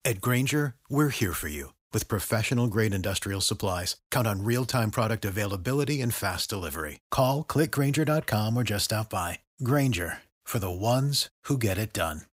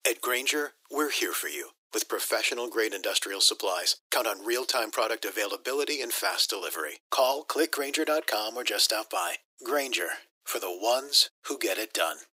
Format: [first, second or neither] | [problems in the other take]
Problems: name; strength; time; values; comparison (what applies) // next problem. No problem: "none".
first | thin; very; fading below 350 Hz